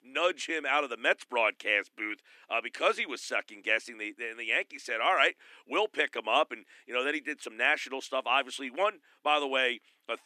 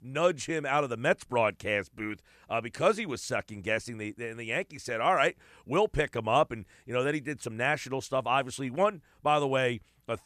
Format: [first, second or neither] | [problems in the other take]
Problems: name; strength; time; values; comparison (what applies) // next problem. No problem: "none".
second | thin; somewhat; fading below 250 Hz